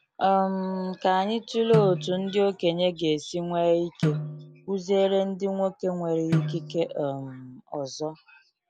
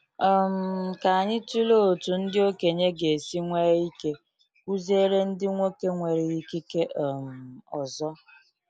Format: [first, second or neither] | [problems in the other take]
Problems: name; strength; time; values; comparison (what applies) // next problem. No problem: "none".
second | background sound (Snare drum); 8 dB below the speech